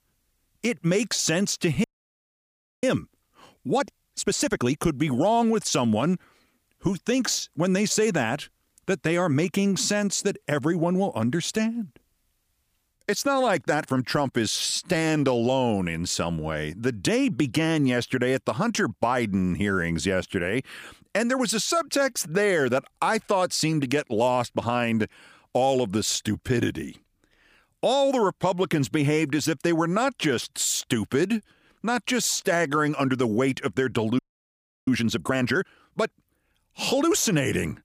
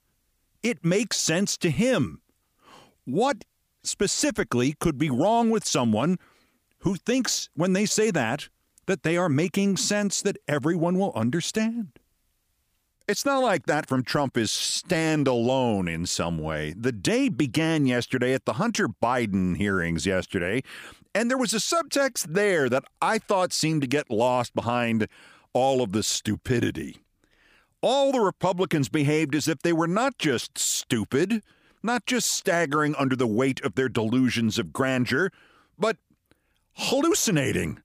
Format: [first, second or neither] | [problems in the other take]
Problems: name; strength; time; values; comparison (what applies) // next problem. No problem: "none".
second | audio freezing; at 2 s for 1 s and at 34 s for 0.5 s